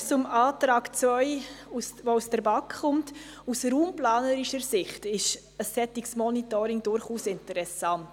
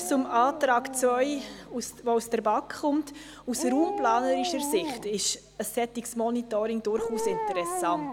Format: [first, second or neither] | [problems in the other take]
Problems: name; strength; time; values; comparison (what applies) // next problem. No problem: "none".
first | background sound (Dog); 8 dB below the speech